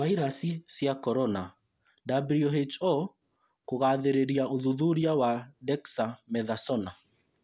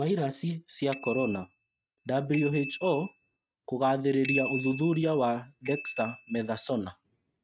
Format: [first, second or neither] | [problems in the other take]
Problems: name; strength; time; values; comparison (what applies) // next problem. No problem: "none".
first | noise reduction (neural mask model RNNoise)